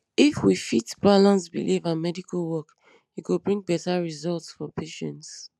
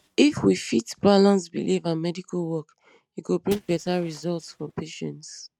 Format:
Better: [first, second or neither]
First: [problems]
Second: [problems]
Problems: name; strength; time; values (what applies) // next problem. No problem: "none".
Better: first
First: none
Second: noise reduction (neural mask model RNNoise)